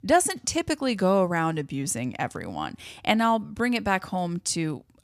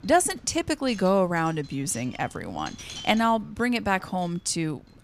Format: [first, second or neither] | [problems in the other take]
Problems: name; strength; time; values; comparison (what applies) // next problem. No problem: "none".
first | wind noise on the microphone; occasional gusts; 20 dB below the speech